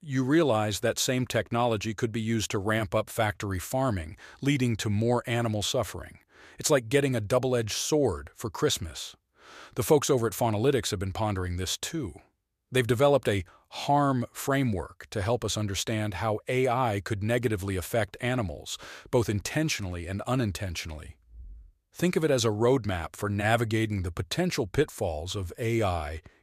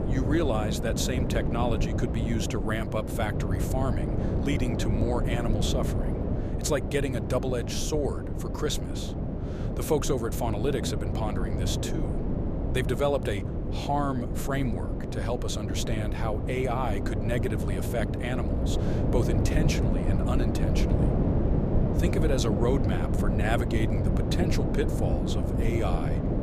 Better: first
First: none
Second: wind noise on the microphone; heavy; 3 dB below the speech

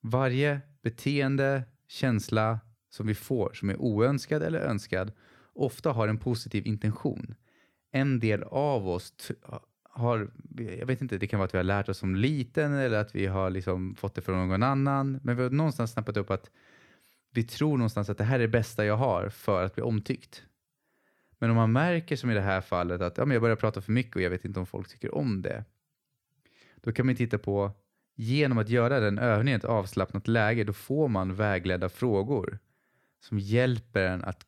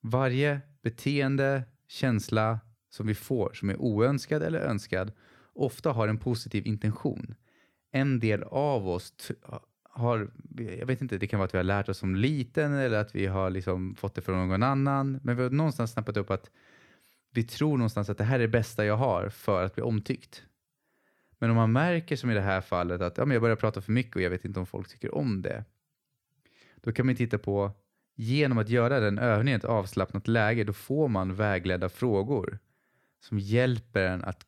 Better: neither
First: none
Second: none

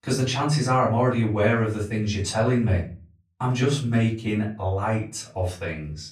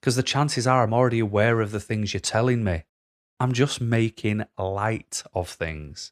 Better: second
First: off-mic speech; far // room echo; slight; dies away in 0.3 s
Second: none

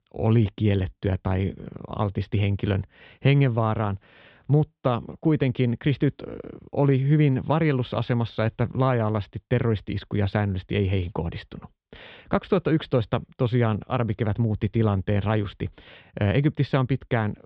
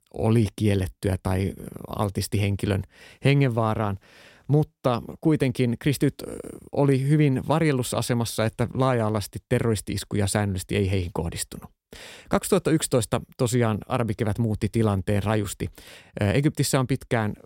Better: second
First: muffled; very; fading above 3.5 kHz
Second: none

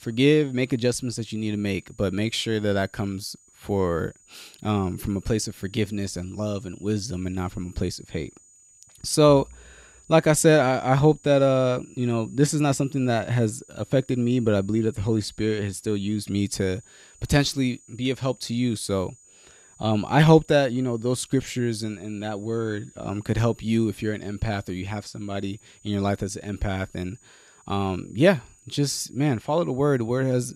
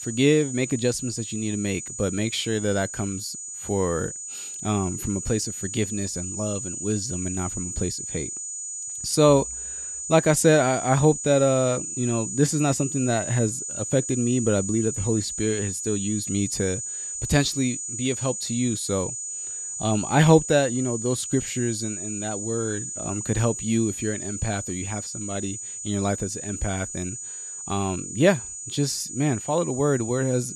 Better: first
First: high-pitched whine; faint; throughout; 7 kHz, 30 dB below the speech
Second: high-pitched whine; loud; throughout; 7 kHz, 6 dB below the speech

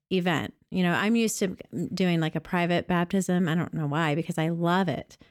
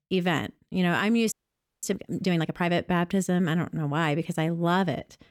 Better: first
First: none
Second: audio freezing; at 1.5 s for 0.5 s

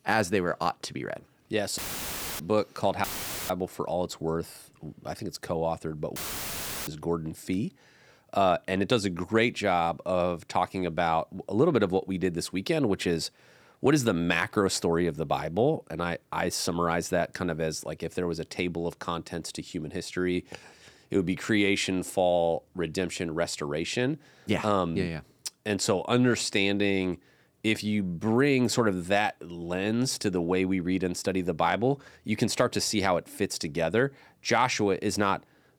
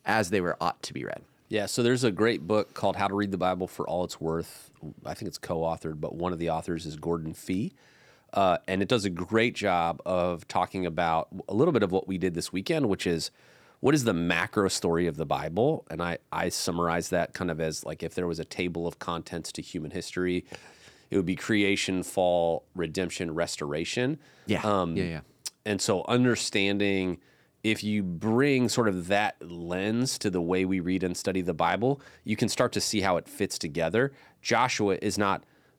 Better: second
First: audio cutting out; filled with static; at 2 s for 0.5 s, at 3 s and at 6 s for 0.5 s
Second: none

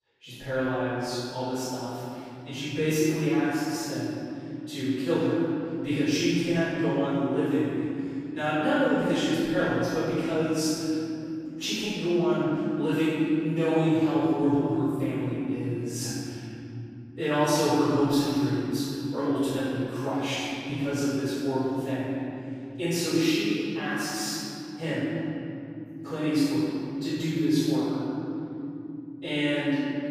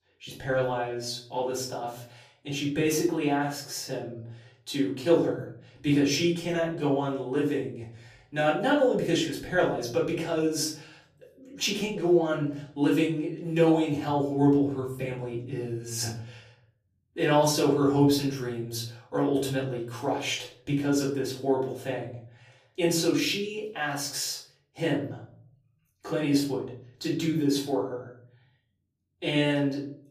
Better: second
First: room echo; strong; dies away in 3 s // off-mic speech; far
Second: room echo; slight; dies away in 0.6 s // off-mic speech; far

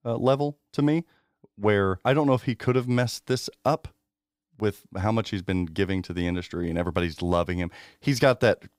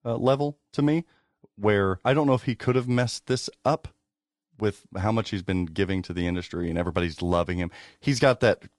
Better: first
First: none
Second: garbled, watery; slightly; nothing above 10.5 kHz

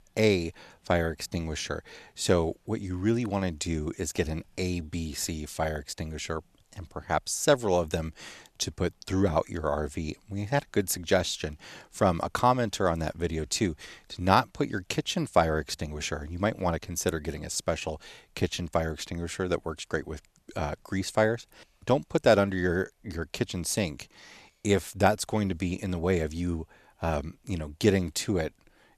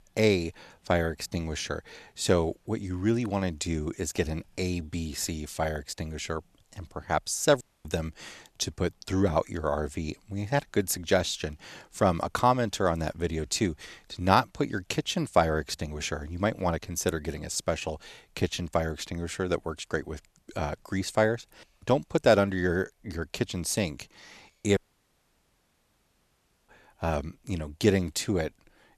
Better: first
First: none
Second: audio cutting out; at 7.5 s and at 25 s for 2 s

